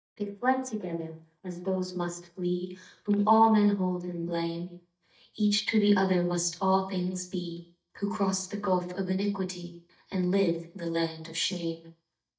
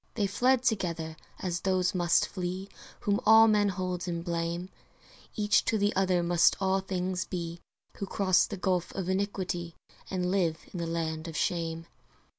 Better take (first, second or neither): second